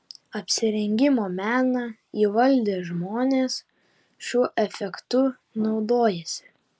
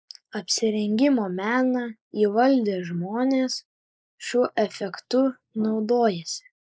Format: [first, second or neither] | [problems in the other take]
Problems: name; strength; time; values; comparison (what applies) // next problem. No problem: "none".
first | noise reduction (neural mask model Resemble Enhance denoiser)